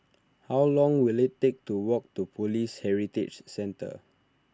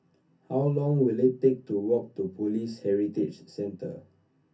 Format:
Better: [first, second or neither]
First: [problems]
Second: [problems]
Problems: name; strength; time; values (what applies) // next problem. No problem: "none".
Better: first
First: none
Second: room echo; dies away in 0.3 s